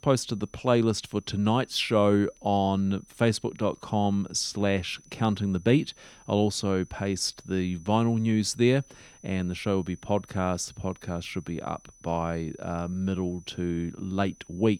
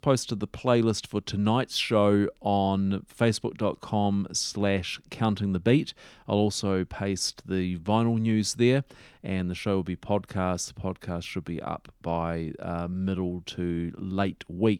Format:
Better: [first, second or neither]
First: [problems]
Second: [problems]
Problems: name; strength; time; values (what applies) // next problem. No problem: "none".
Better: second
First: high-pitched whine; faint; throughout; 6 kHz, 25 dB below the speech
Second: none